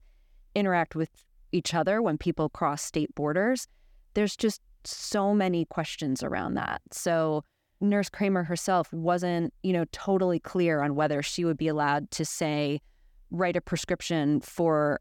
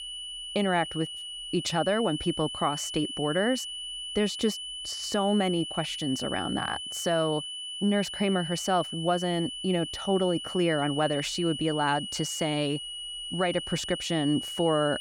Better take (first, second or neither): first